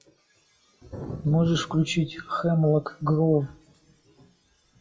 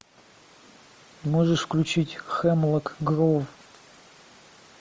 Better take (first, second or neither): second